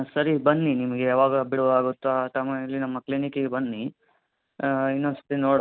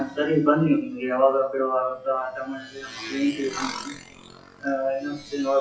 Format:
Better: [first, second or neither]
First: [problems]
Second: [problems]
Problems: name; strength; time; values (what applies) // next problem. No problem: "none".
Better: first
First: none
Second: noise reduction (classical method WPE with log-MMSE)